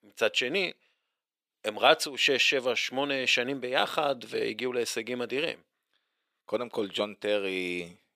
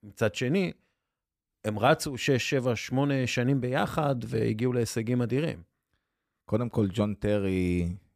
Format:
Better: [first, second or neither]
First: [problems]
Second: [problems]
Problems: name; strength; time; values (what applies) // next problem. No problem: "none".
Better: second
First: thin; somewhat; fading below 450 Hz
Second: none